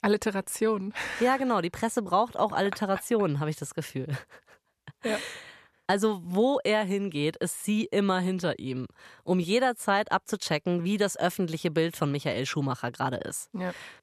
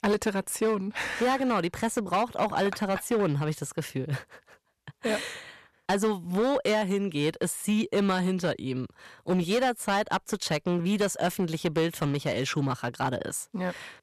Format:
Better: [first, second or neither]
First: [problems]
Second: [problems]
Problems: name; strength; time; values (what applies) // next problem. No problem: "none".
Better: first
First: none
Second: distortion; slight; 7% of the sound clipped